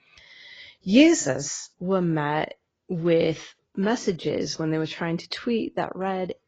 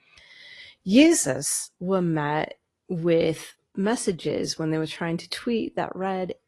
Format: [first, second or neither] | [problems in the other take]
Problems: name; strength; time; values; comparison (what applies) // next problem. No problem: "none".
second | garbled, watery; badly; nothing above 7.5 kHz; slightly in the second